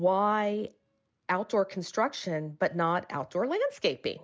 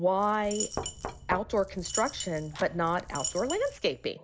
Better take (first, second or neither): first